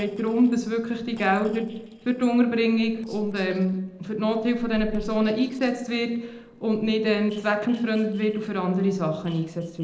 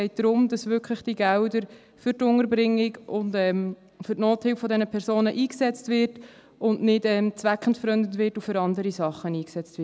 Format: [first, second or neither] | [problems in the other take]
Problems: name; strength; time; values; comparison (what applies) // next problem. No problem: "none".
second | noise reduction (neural separator model SepFormer DNS4)